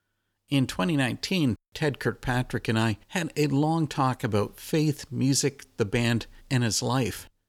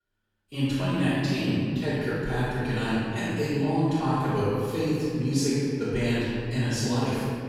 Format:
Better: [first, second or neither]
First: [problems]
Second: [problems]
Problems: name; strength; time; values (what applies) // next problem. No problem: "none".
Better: first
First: none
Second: off-mic speech; far // room echo; strong; dies away in 2.2 s